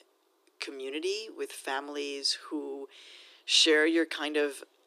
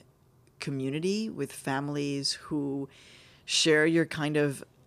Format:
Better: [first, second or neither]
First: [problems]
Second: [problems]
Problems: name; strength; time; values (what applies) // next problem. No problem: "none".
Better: second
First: thin; somewhat; fading below 300 Hz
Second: none